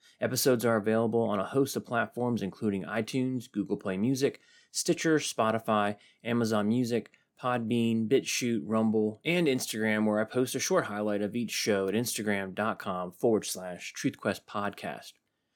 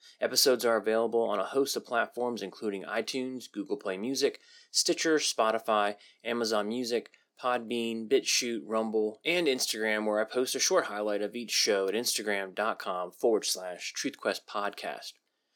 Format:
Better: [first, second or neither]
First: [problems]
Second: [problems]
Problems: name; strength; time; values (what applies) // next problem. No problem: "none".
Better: first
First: none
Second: thin; somewhat; fading below 400 Hz